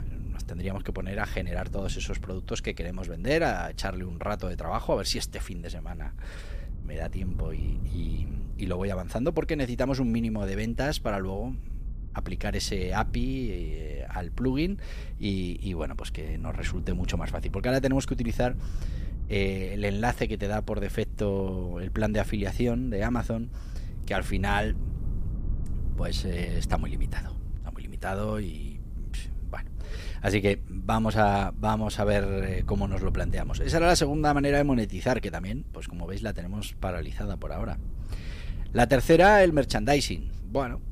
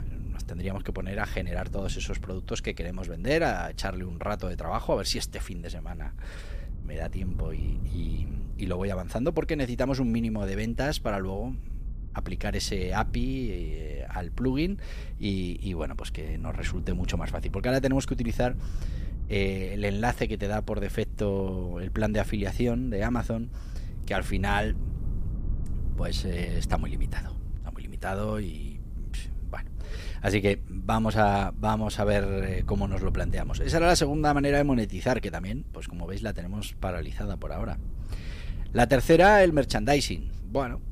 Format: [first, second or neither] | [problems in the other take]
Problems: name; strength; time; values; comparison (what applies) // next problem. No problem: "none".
neither | low rumble; faint; throughout; 25 dB below the speech; the same in both